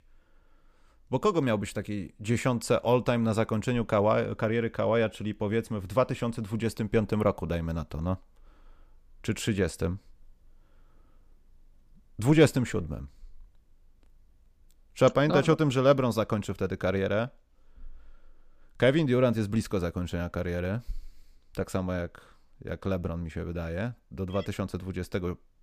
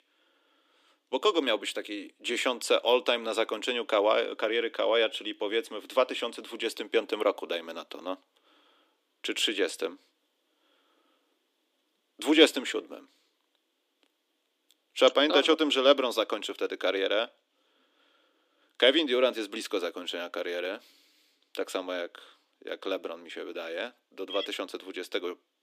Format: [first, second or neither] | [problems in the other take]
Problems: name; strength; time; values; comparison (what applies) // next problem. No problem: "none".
first | thin; somewhat; fading below 300 Hz